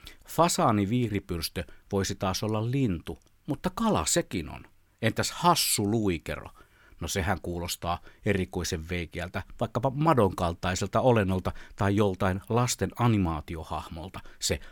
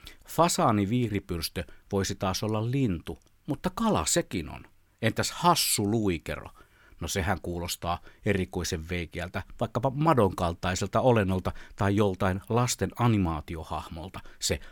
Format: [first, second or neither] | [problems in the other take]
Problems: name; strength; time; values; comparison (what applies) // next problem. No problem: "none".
neither | none